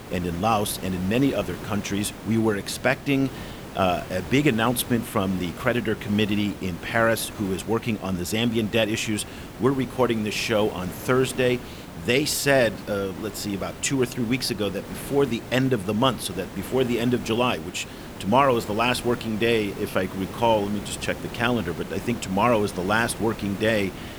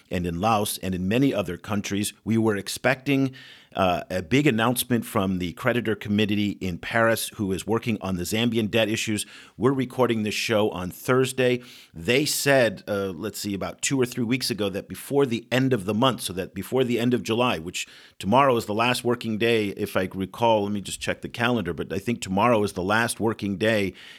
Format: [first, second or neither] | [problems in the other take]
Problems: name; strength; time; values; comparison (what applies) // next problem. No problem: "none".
second | hiss; noticeable; throughout; 15 dB below the speech